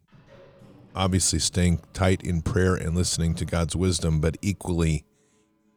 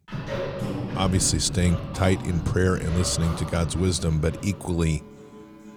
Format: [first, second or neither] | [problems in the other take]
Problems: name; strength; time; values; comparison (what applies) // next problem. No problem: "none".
first | background music; loud; throughout; 9 dB below the speech; faint in the first